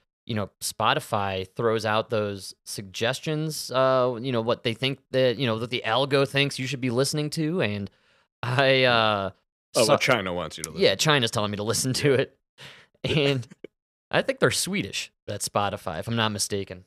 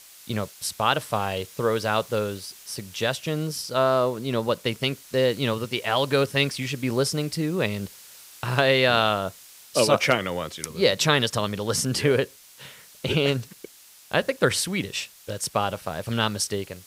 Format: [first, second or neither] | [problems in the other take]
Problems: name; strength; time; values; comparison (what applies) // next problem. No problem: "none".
first | hiss; faint; throughout; 20 dB below the speech